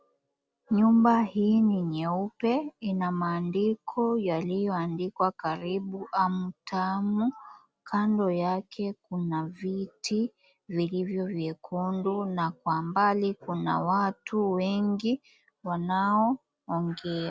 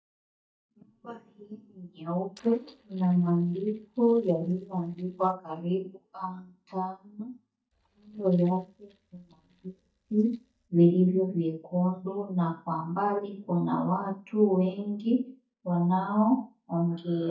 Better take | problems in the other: first | noise reduction (neural mask model DeepFilterNet 3)

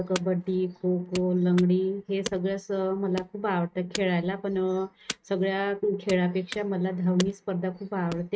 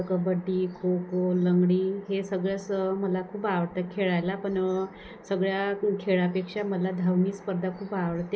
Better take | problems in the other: second | noise reduction (neural mask model RNNoise)

